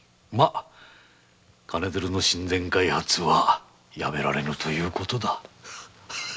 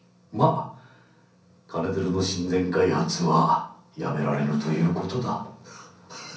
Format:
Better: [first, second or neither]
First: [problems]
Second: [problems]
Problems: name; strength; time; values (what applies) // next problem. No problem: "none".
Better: first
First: none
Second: room echo; dies away in 0.6 s